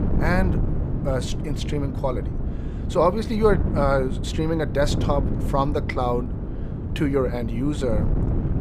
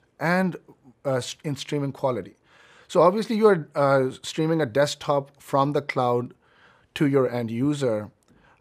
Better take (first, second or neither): second